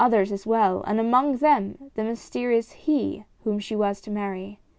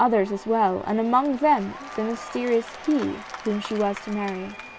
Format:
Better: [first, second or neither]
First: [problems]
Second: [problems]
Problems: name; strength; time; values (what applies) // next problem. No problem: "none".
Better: first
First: none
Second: background sound (Applause / Crowd / Cheering); 15 dB below the speech